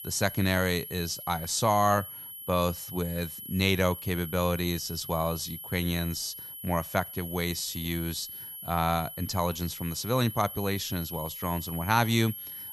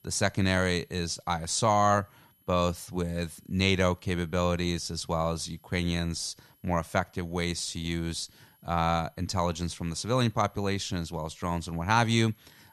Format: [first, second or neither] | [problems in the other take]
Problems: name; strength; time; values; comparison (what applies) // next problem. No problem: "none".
second | high-pitched whine; loud; throughout; 11.5 kHz, 9 dB below the speech; faint in the second